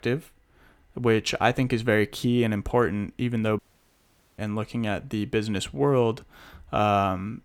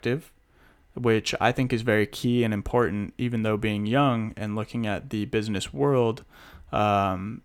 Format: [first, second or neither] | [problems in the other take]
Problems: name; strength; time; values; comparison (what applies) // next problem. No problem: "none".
second | audio cutting out; at 3.5 s for 1 s